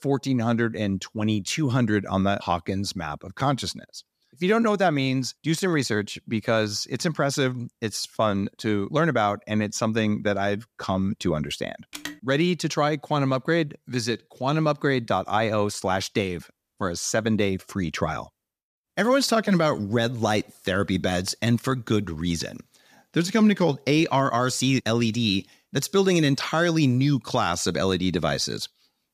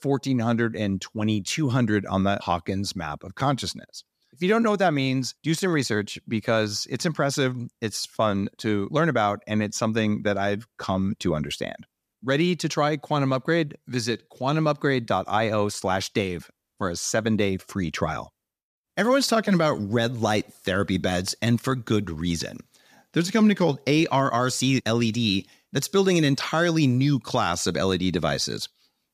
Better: second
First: phone ringing; faint; at 12 s; peak 10 dB below the speech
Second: none

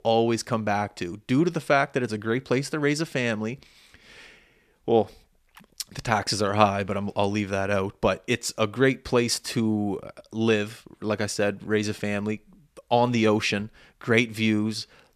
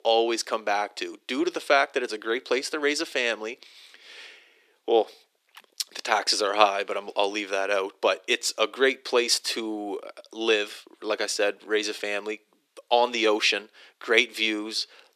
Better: first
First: none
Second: thin; very; fading below 350 Hz

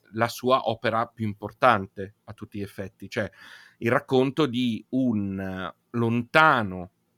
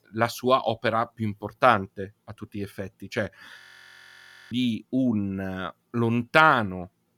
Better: first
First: none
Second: audio freezing; at 3.5 s for 1 s

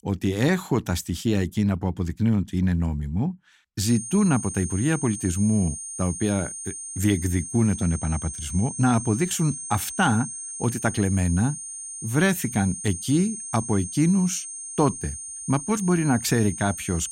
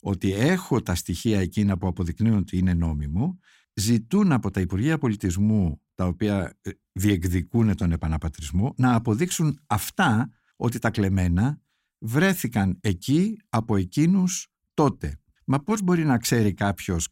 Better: second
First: high-pitched whine; loud; from 4 s on; 8.5 kHz, 8 dB below the speech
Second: none

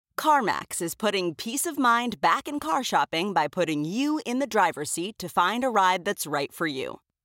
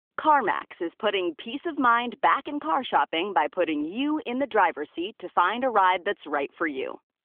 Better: first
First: none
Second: phone-call audio; nothing above 3.5 kHz

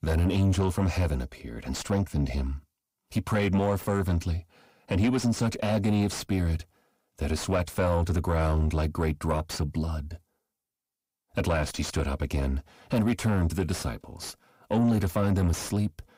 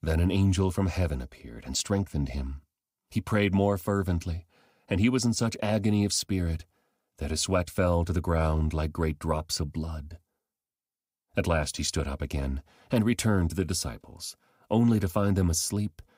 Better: second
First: distortion; slight; 10 dB below the speech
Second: none

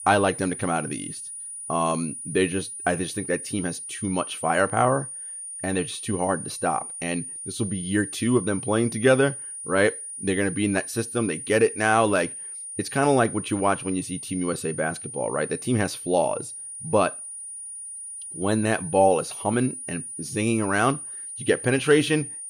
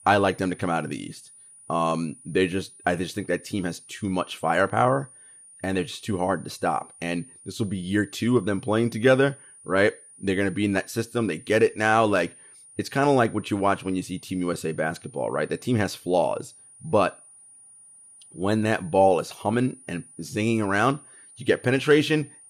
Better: second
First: high-pitched whine; loud; throughout; 9.5 kHz, 9 dB below the speech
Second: high-pitched whine; faint; throughout; 9.5 kHz, 20 dB below the speech

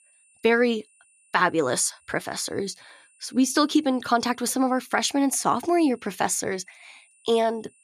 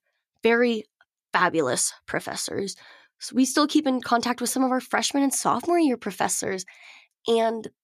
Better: second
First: high-pitched whine; faint; throughout; 9 kHz, 35 dB below the speech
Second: none

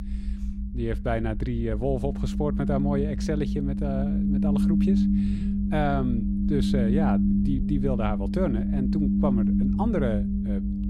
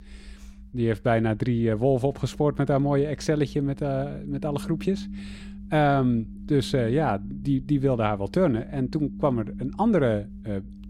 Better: second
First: low rumble; loud; throughout; 1 dB below the speech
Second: low rumble; faint; throughout; 20 dB below the speech

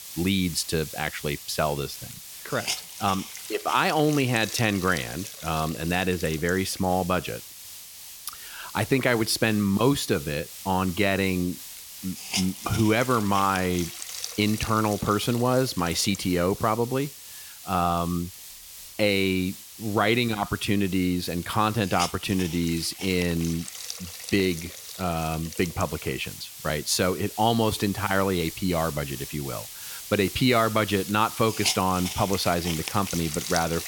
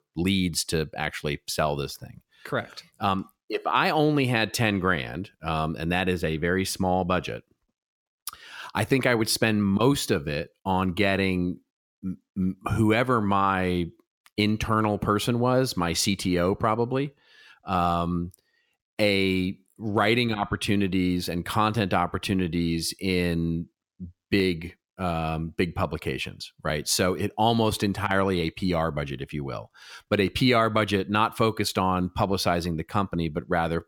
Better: second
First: hiss; loud; throughout; 10 dB below the speech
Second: none

